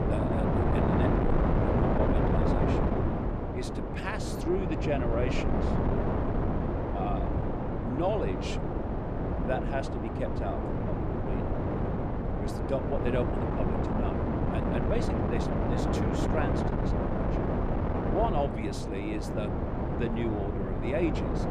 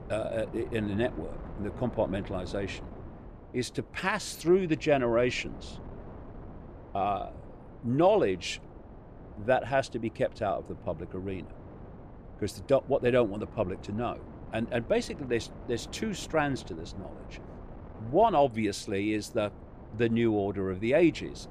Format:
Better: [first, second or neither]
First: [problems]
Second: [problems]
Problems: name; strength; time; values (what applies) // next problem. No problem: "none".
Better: second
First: wind noise on the microphone; heavy; 2 dB above the speech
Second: wind noise on the microphone; occasional gusts; 20 dB below the speech